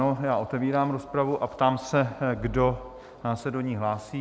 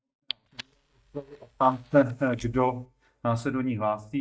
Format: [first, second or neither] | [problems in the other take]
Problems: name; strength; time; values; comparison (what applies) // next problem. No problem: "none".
first | noise reduction (neural mask model DeepFilterNet 3)